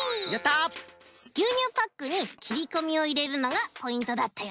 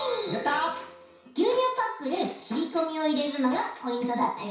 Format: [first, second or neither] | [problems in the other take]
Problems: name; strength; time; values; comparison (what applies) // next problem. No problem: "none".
first | room echo; dies away in 0.6 s